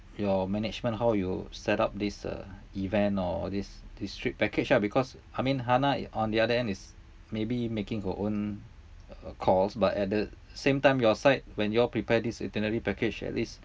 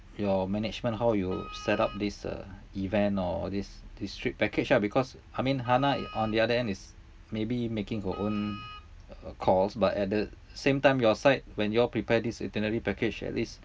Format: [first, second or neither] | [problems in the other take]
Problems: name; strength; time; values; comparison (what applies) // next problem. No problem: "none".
first | background sound (Wind instrument, woodwind instrument); 17 dB below the speech